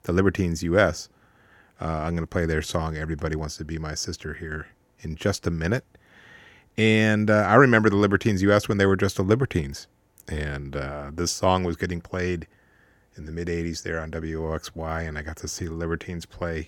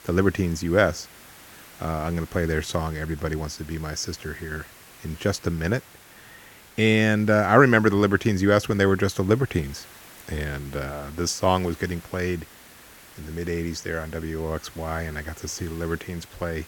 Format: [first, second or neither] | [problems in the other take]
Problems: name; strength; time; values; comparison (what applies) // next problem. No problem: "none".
first | hiss; faint; throughout; 20 dB below the speech